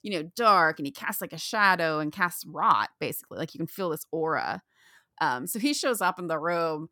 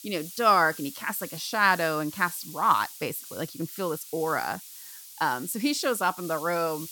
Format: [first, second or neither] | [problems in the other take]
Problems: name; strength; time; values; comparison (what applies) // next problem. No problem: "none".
first | hiss; noticeable; throughout; 15 dB below the speech